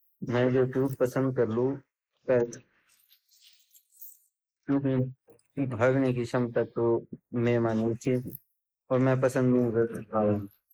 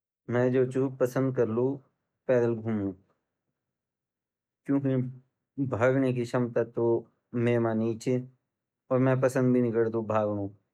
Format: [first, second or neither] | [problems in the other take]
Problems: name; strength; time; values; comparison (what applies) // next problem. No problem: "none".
second | noise reduction (neural mask model Resemble Enhance denoiser)